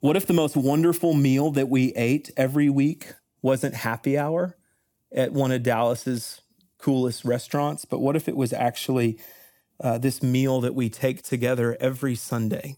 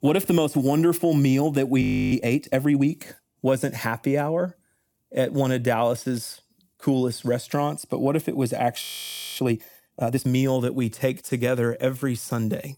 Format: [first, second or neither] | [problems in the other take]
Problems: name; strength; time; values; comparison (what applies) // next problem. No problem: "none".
first | audio freezing; at 2 s and at 9 s for 0.5 s